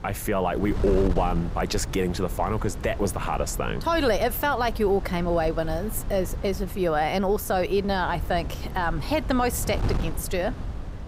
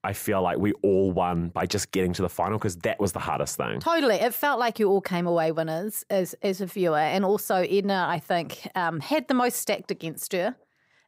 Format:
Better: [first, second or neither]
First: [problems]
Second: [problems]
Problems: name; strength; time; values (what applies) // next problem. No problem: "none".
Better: second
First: wind noise on the microphone; occasional gusts; 15 dB below the speech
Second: none